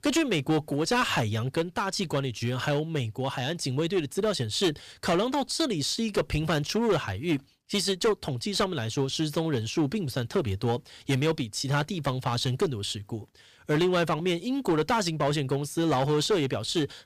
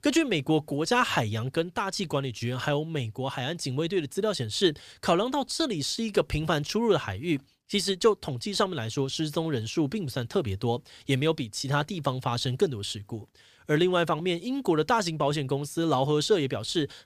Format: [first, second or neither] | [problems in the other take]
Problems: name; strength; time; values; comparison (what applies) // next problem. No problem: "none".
second | distortion; slight; 7% of the sound clipped